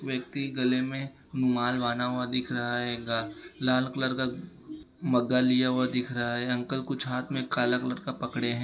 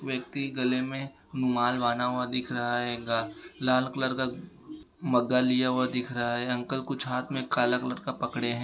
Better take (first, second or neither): second